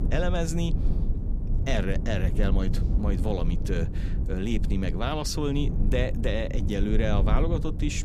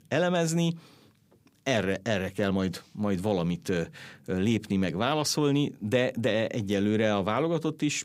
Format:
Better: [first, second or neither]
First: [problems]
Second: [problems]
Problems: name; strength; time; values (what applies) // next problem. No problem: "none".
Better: second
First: low rumble; loud; throughout; 10 dB below the speech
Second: none